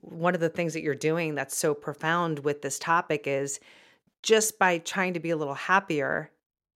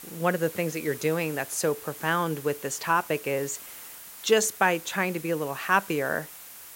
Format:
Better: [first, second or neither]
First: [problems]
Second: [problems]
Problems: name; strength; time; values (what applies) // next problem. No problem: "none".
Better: first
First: none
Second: hiss; noticeable; throughout; 15 dB below the speech